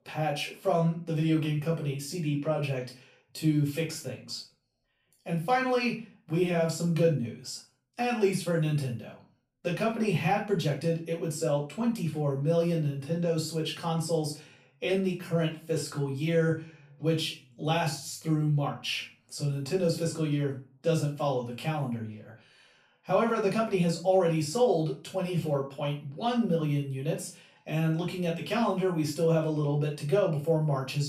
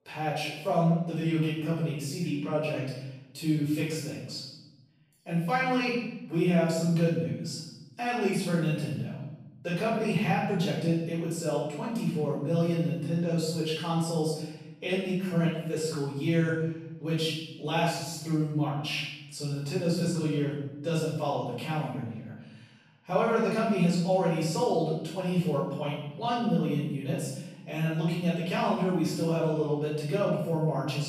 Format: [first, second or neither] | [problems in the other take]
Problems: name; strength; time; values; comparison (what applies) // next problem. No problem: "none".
first | room echo; strong; dies away in 0.9 s; slight in the first // off-mic speech; far; far in the first